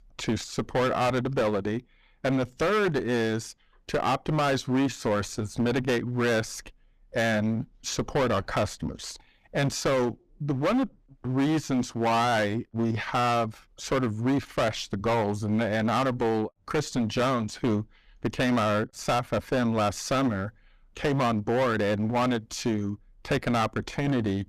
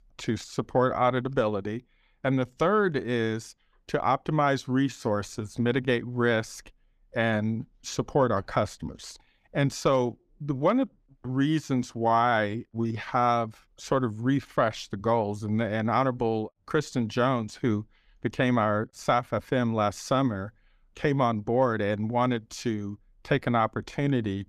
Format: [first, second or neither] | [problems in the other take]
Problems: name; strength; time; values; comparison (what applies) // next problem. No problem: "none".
second | distortion; heavy; 16% of the sound clipped